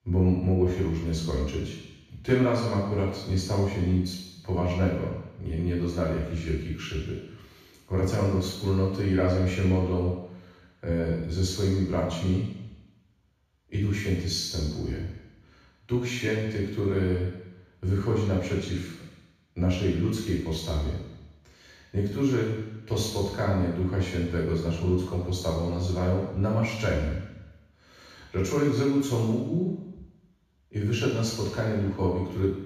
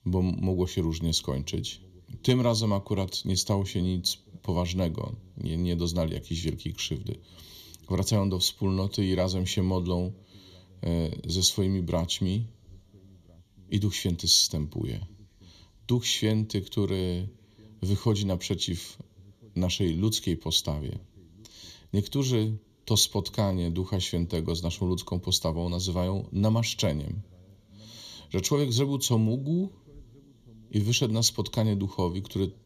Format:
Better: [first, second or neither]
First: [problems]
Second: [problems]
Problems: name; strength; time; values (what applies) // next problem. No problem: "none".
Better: second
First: room echo; strong; dies away in 1.1 s // off-mic speech; far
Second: room echo; slight; dies away in 3 s